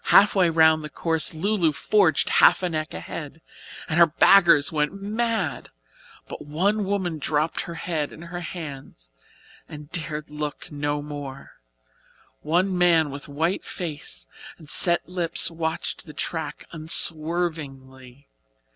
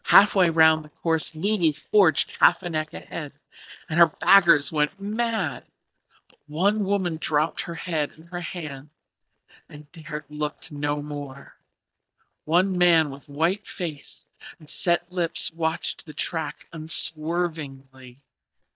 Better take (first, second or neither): first